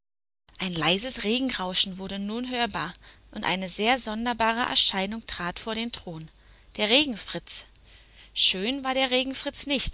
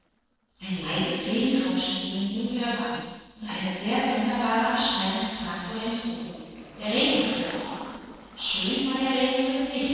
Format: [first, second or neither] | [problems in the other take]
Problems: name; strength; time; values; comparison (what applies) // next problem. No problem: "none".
first | noise reduction (neural separator model SepFormer DNS4)